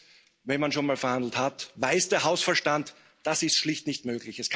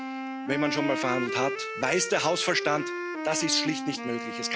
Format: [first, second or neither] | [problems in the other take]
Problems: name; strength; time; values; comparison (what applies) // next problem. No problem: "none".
first | background sound (Wind instrument, woodwind instrument); 4 dB below the speech